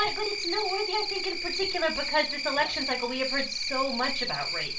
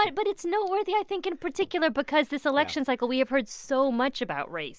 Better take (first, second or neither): second